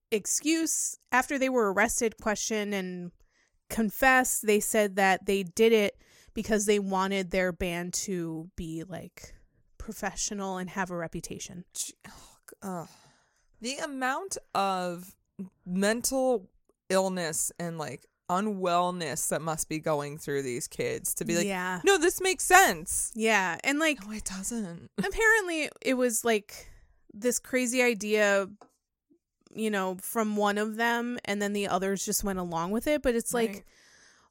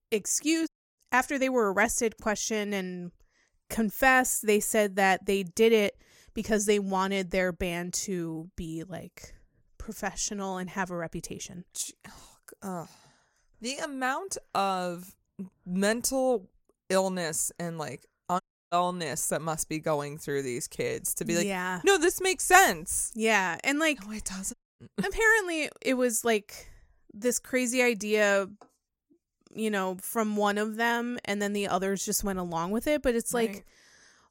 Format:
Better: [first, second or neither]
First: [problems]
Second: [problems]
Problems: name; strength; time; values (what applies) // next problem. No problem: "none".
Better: first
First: none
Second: audio cutting out; at 0.5 s, at 18 s and at 25 s